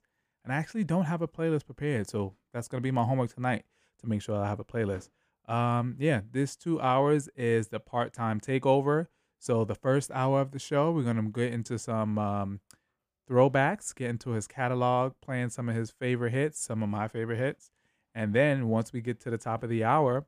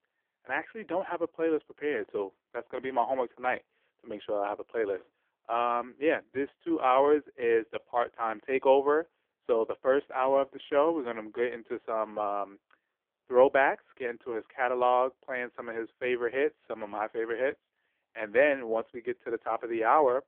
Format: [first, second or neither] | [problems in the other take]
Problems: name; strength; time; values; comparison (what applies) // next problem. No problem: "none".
first | phone-call audio; poor line; nothing above 3.5 kHz